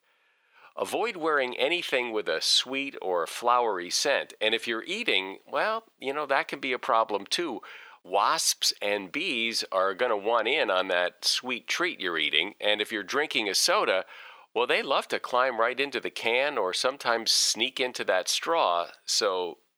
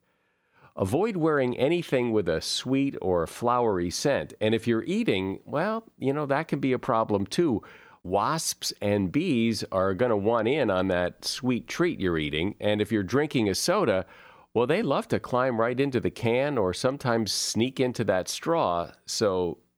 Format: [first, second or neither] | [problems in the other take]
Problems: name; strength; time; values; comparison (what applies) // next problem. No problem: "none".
second | thin; somewhat; fading below 600 Hz